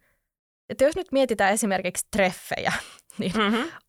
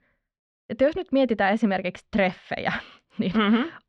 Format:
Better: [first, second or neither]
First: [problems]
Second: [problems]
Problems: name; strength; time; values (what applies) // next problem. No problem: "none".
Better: first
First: none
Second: muffled; slightly; fading above 4 kHz